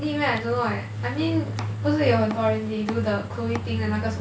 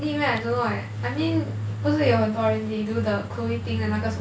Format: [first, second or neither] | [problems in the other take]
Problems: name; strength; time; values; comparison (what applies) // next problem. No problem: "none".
second | background sound (Domestic sounds, home sounds); 17 dB below the speech